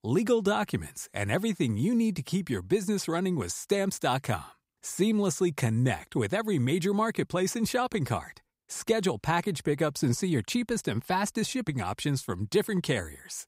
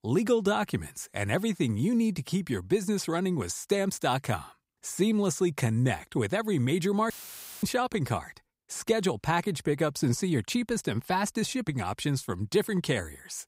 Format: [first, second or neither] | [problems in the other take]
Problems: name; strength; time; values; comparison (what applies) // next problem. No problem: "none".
first | audio cutting out; filled with static; at 7 s for 0.5 s